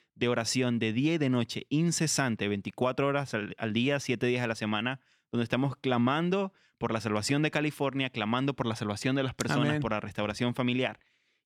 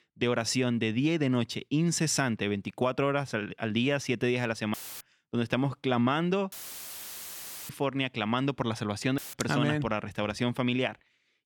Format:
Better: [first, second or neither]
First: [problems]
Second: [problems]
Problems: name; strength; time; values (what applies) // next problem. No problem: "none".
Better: first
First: none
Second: audio cutting out; filled with static; at 4.5 s, at 6.5 s for 1 s and at 9 s